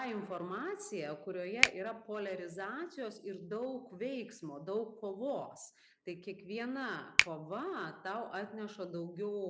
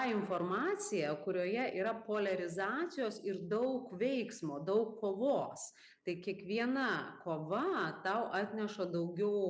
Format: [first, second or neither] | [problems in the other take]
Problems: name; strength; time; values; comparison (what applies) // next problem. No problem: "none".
second | background sound (Finger snapping); 3 dB above the speech